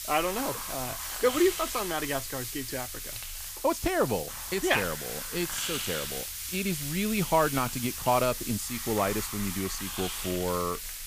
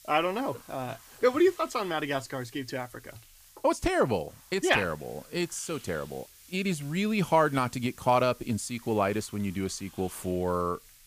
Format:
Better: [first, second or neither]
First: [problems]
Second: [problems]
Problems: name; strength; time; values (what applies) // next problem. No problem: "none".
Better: second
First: hiss; loud; throughout; 4 dB below the speech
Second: hiss; faint; throughout; 20 dB below the speech